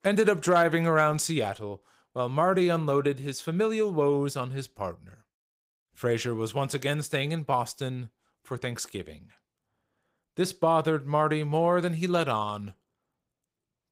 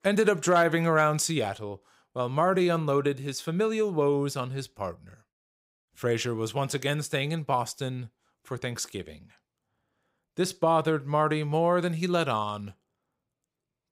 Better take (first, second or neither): second